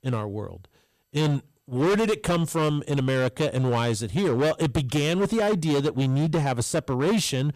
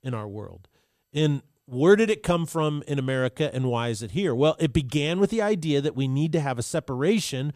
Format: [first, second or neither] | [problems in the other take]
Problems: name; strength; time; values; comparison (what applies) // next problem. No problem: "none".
second | distortion; heavy; 18% of the sound clipped